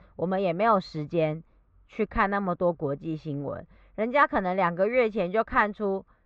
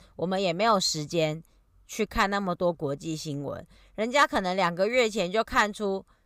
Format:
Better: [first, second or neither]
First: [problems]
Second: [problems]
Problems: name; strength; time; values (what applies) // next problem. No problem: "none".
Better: second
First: muffled; very; fading above 2 kHz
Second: none